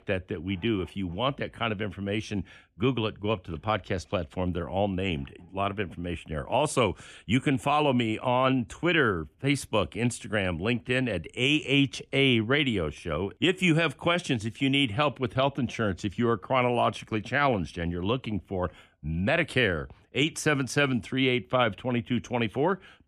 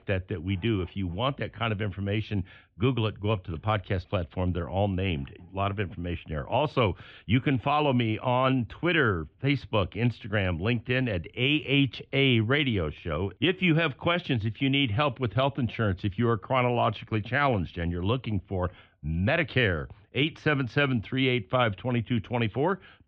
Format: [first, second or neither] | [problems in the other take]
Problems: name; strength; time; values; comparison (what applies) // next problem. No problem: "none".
first | muffled; slightly; fading above 4 kHz